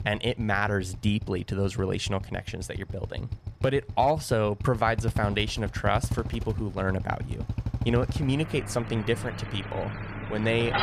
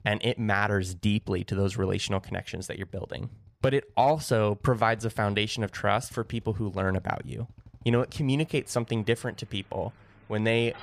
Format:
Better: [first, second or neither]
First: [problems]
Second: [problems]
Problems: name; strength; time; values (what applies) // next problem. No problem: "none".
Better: second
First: traffic noise; loud; throughout; 7 dB below the speech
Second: traffic noise; faint; throughout; 30 dB below the speech